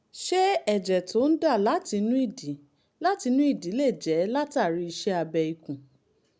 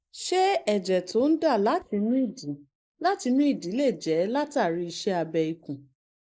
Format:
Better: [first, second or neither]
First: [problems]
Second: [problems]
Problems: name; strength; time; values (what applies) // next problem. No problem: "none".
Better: first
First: none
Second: noise reduction (neural mask model Resemble Enhance denoiser)